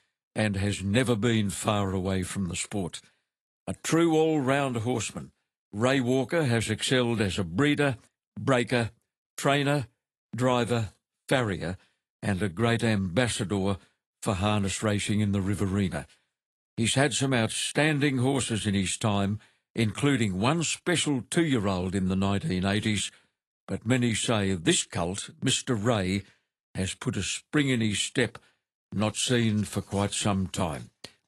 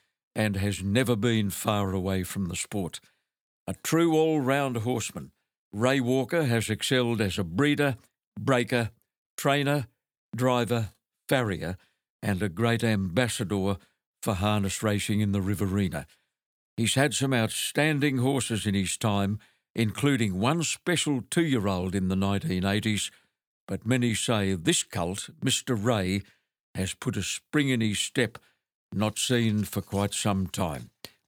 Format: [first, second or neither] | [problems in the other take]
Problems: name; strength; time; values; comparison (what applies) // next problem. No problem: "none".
second | garbled, watery; slightly